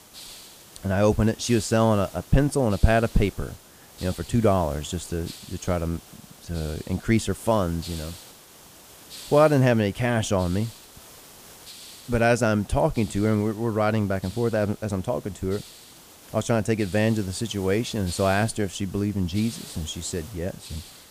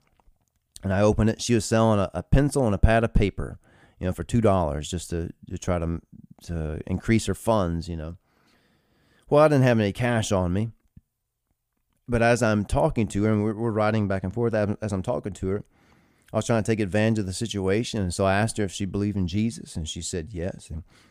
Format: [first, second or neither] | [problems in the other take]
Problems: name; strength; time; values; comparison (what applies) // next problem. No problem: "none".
second | hiss; noticeable; throughout; 20 dB below the speech